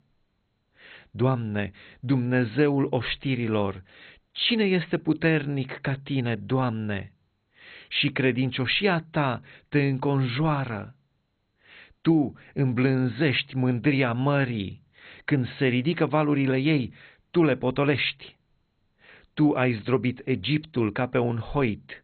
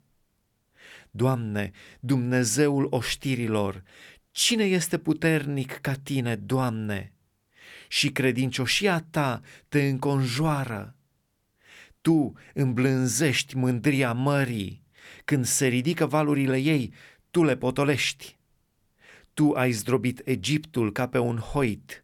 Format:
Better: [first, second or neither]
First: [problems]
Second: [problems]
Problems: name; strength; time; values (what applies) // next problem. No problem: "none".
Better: second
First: garbled, watery; badly; nothing above 4 kHz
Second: none